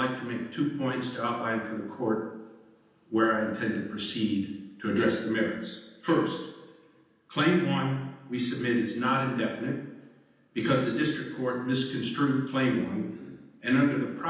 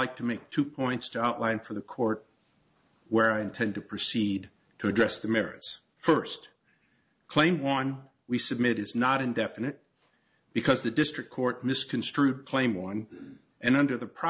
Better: second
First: room echo; dies away in 0.9 s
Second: none

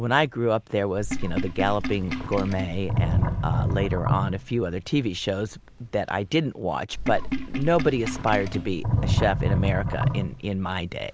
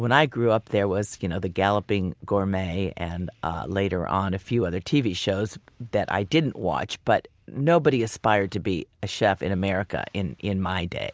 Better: second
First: background sound (Sink (filling or washing)); 1 dB below the speech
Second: none

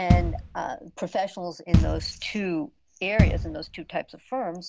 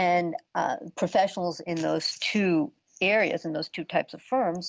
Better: second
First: background sound (Bass drum); 4 dB above the speech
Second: none

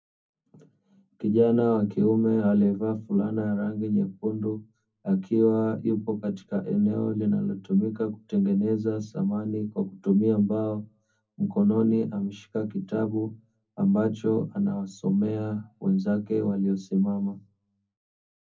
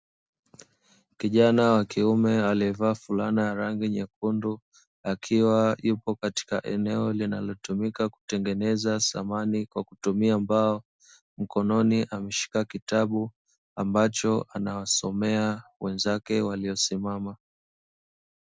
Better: second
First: room echo; dies away in 0.3 s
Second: none

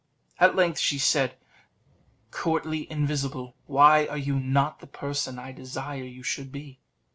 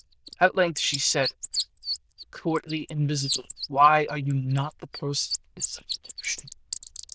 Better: first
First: none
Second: noise reduction (neural diffusion model UNIVERSE++)

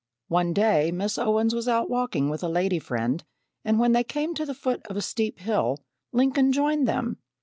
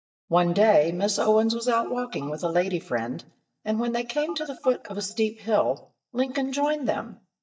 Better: first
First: none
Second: noise reduction (neural mask model DeepFilterNet 3)

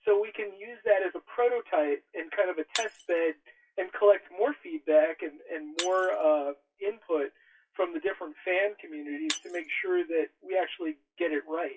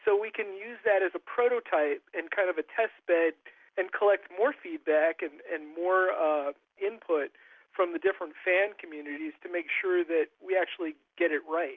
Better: second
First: noise reduction (classical method WPE with log-MMSE)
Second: none

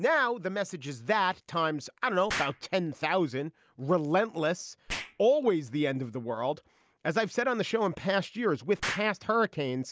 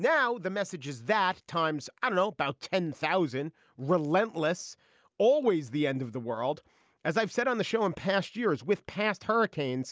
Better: second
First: background sound (Explosion); 15 dB below the speech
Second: none

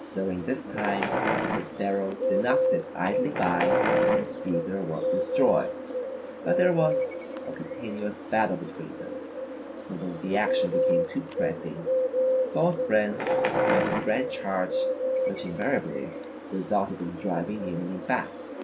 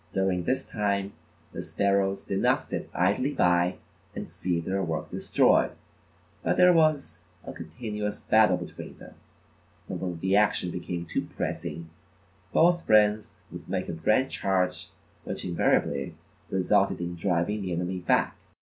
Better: second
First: background sound (Bird + Wild animals); 2 dB above the speech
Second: none

